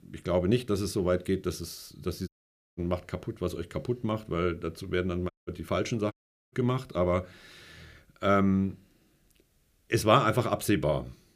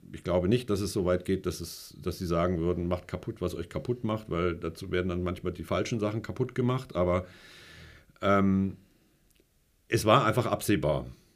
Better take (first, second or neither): second